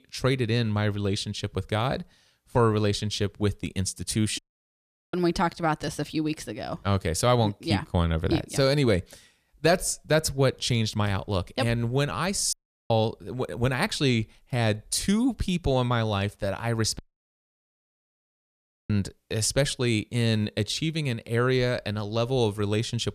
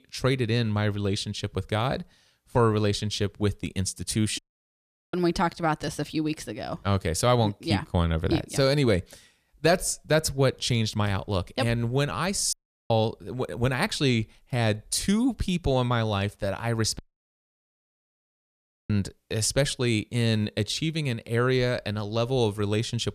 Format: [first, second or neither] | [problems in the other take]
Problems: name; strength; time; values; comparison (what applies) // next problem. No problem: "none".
neither | audio cutting out; at 4.5 s for 0.5 s, at 13 s and at 17 s for 2 s; the same in both